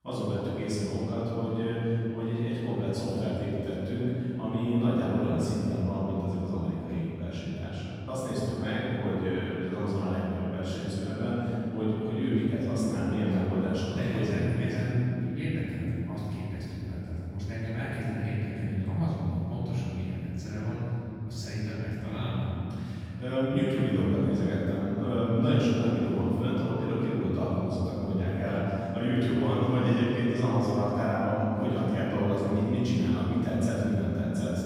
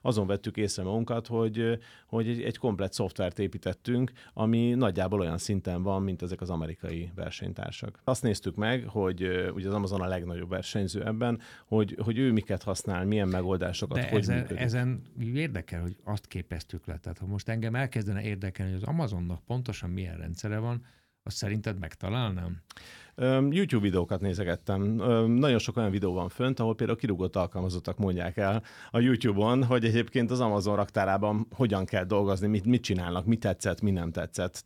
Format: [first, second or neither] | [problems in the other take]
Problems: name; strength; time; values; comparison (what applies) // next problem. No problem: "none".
second | off-mic speech; far // room echo; strong; dies away in 3 s